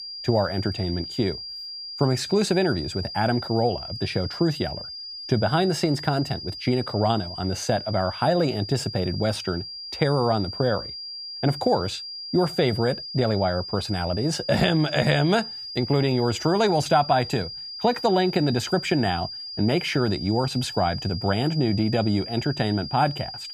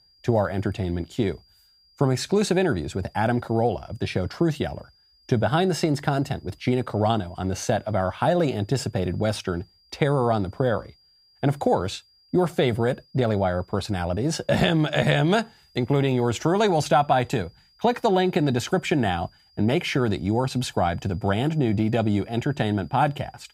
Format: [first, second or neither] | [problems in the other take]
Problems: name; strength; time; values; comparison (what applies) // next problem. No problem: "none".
second | high-pitched whine; loud; throughout; 5 kHz, 9 dB below the speech; faint in the second